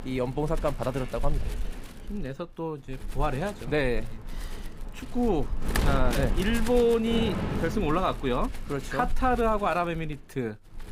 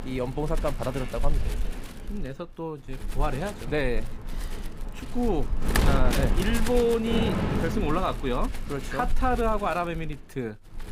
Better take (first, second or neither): first